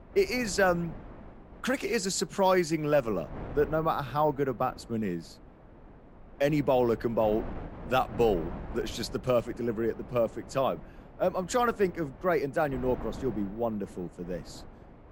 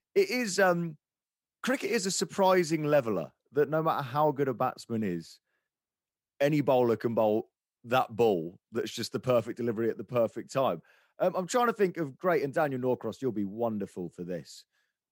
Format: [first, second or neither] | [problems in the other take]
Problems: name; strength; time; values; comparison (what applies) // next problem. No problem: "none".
second | wind noise on the microphone; occasional gusts; 20 dB below the speech